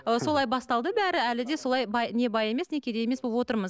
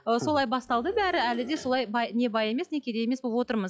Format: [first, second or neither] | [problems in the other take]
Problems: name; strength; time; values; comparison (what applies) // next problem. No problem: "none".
first | noise reduction (classical method log-MMSE)